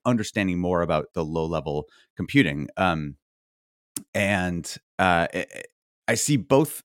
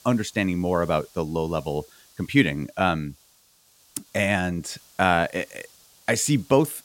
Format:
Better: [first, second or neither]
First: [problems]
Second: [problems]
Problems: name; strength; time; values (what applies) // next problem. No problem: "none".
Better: first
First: none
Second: hiss; faint; throughout; 25 dB below the speech